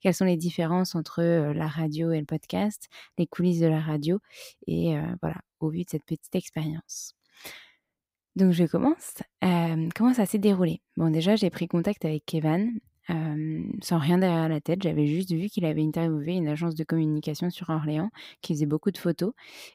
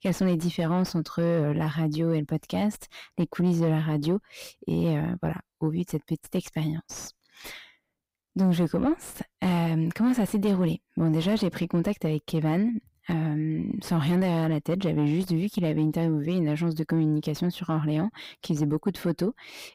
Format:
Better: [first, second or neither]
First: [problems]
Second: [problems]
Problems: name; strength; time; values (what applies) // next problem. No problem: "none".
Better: first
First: none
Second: distortion; slight; 10 dB below the speech